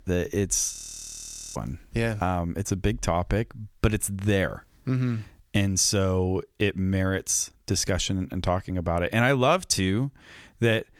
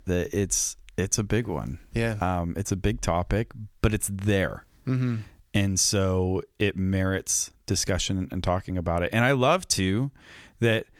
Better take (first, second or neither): second